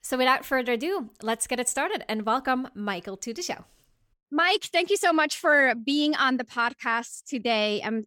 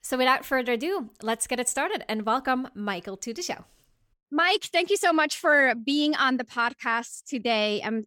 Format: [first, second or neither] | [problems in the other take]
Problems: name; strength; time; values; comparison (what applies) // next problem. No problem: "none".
neither | none